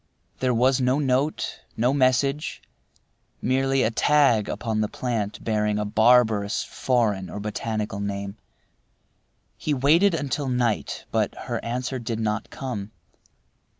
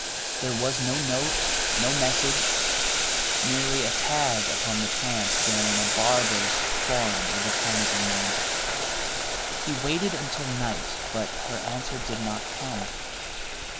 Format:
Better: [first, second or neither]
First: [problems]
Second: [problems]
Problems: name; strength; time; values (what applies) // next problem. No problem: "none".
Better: first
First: none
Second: background sound (Boiling); 5 dB above the speech